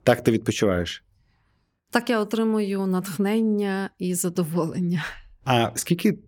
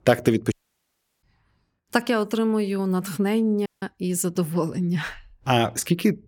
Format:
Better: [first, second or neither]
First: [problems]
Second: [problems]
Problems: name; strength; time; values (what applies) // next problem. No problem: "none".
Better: first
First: none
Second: audio cutting out; at 0.5 s for 0.5 s and at 3.5 s